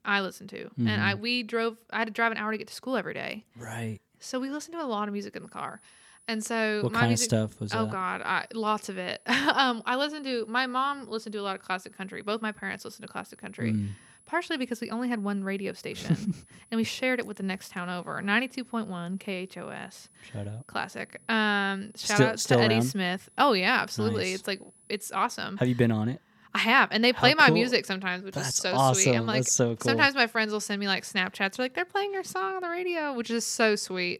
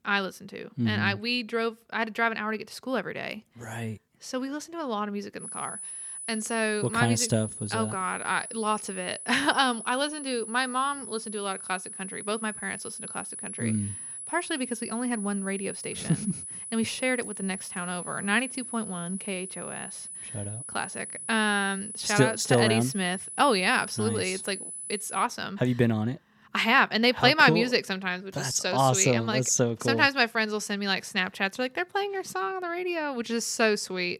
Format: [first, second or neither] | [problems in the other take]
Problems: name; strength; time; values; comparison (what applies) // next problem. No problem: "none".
first | high-pitched whine; loud; from 5.5 to 25 s; 10 kHz, 9 dB below the speech; faint in the first